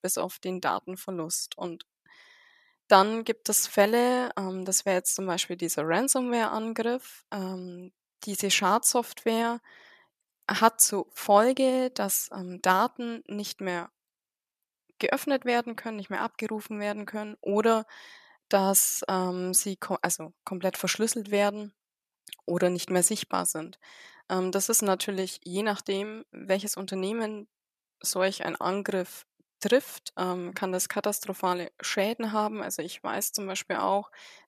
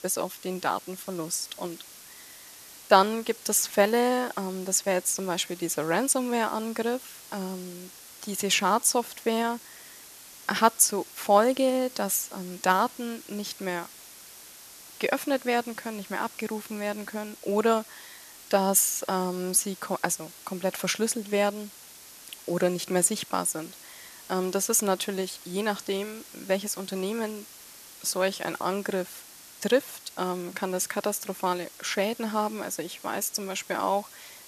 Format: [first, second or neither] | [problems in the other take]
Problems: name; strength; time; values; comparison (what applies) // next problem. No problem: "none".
first | hiss; noticeable; throughout; 20 dB below the speech